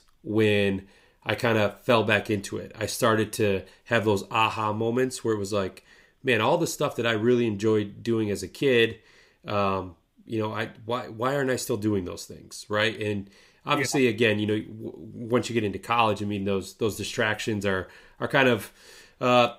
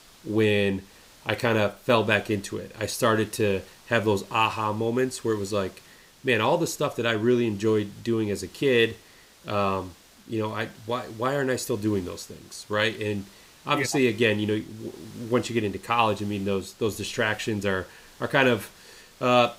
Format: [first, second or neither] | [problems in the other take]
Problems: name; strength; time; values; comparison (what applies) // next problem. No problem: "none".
first | hiss; faint; throughout; 25 dB below the speech